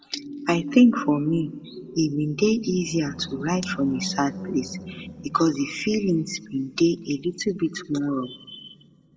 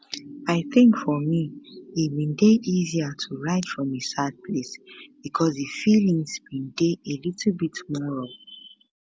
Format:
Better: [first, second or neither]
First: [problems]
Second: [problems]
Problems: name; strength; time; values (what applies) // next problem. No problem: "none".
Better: second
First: background sound (Animal); 17 dB below the speech // room echo; dies away in 0.8 s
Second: none